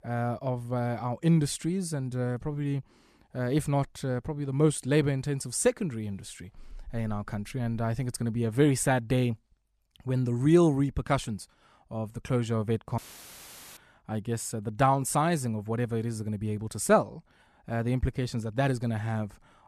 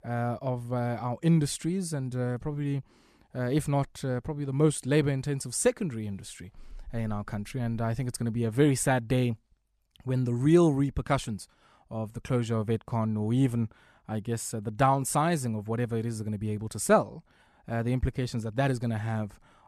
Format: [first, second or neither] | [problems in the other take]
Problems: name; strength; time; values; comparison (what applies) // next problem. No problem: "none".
second | audio cutting out; filled with static; at 13 s for 1 s